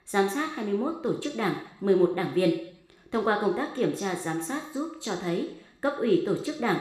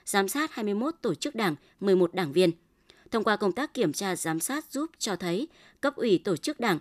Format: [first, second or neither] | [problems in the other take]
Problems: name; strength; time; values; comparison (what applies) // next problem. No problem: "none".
second | room echo; slight; dies away in 0.7 s // off-mic speech; somewhat distant